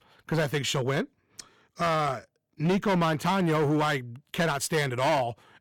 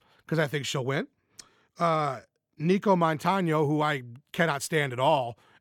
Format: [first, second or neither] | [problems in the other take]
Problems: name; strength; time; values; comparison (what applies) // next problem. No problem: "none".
second | distortion; heavy; 11% of the sound clipped